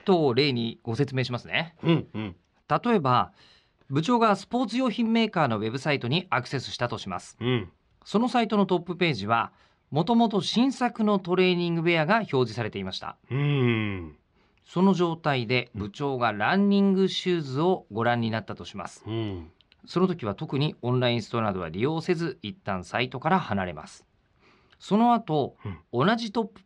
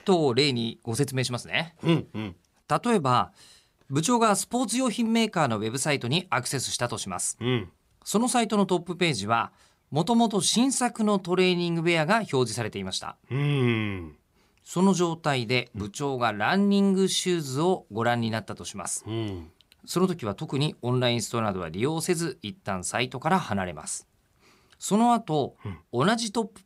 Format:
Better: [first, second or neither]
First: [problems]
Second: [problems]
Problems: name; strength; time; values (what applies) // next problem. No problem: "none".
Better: second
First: muffled; very slightly; fading above 4 kHz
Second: none